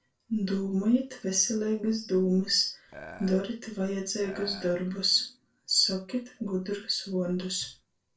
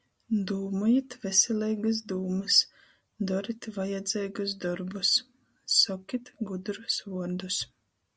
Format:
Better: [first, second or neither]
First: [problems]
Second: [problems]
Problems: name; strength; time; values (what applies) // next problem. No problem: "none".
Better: second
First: noise reduction (neural separator model SepFormer DNS4)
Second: none